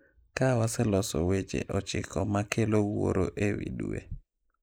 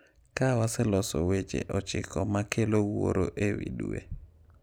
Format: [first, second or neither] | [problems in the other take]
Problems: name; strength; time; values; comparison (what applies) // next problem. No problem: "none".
second | noise reduction (neural mask model Resemble Enhance denoiser)